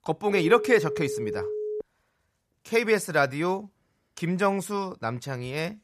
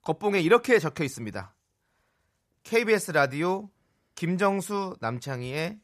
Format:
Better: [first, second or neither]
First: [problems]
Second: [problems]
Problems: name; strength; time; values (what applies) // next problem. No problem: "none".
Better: second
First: phone ringing; noticeable; until 2 s; peak 5 dB below the speech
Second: none